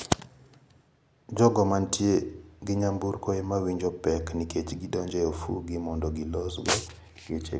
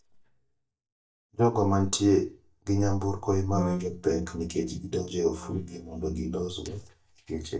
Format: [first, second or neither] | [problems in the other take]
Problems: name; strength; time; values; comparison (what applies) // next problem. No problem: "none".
first | noise reduction (neural mask model DeepFilterNet 3)